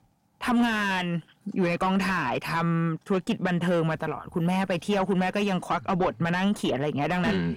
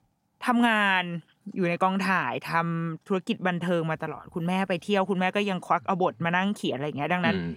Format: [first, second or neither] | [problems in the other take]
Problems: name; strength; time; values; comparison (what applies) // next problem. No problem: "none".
second | distortion; heavy; 6 dB below the speech